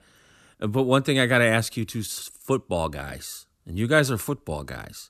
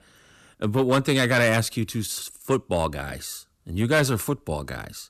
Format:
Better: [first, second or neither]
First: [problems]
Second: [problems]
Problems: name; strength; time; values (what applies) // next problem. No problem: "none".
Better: first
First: none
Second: distortion; slight; 3% of the sound clipped